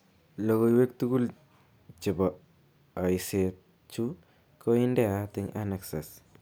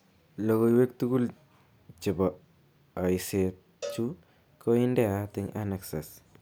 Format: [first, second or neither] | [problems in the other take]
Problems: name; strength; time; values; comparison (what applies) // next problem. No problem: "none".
first | background sound (Cowbell); 17 dB below the speech